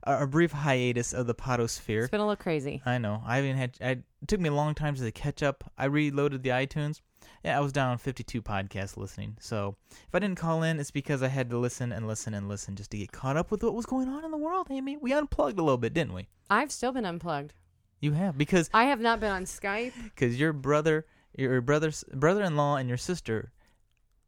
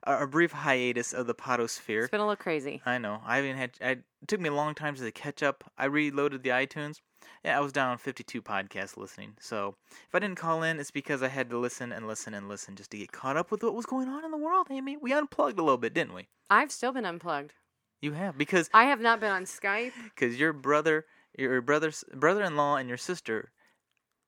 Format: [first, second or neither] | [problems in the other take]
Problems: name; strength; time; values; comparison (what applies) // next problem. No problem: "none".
first | thin; very slightly; fading below 300 Hz